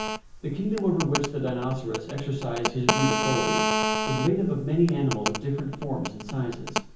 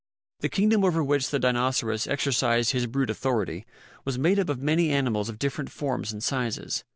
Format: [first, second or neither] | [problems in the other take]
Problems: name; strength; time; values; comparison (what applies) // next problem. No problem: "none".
second | background sound (Telephone); 3 dB below the speech // room echo; dies away in 0.7 s